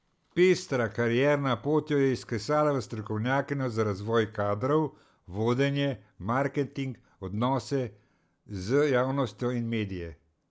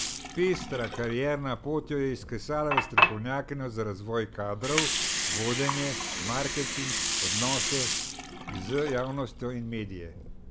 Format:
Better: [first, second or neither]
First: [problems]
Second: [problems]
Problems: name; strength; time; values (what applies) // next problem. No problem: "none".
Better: first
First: none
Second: background sound (Water); as loud as the speech